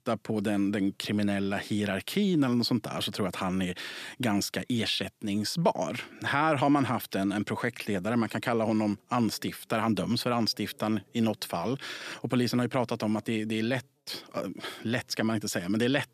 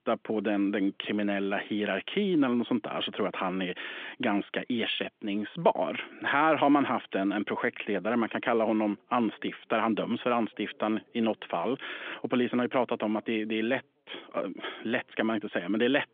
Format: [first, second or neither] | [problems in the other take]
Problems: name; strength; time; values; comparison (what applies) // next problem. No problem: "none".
first | phone-call audio; nothing above 3.5 kHz